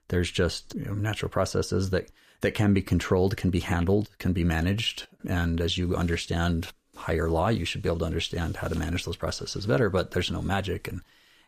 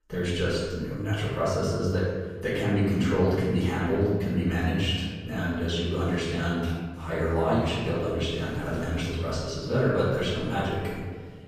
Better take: first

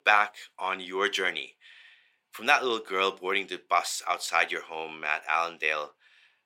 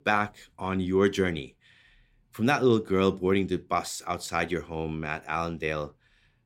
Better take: second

